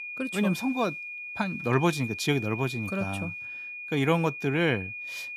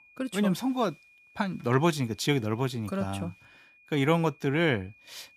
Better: second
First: high-pitched whine; loud; throughout; 2.5 kHz, 7 dB below the speech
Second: high-pitched whine; faint; throughout; 2.5 kHz, 30 dB below the speech

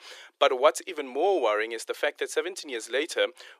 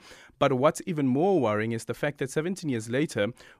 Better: second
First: thin; very; fading below 400 Hz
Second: none

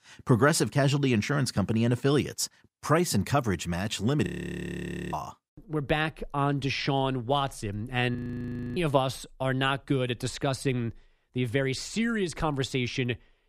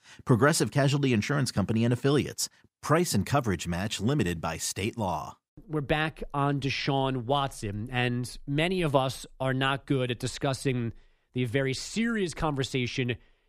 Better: second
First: audio freezing; at 4.5 s for 1 s and at 8 s for 0.5 s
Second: none

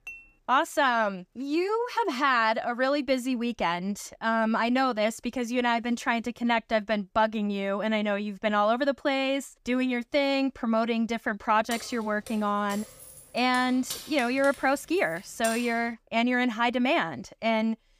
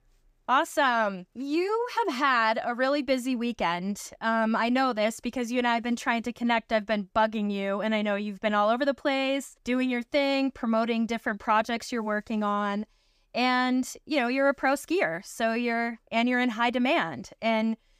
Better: second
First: clattering dishes; faint; at the start; peak 15 dB below the speech // jangling keys; noticeable; from 12 to 16 s; peak 9 dB below the speech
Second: none

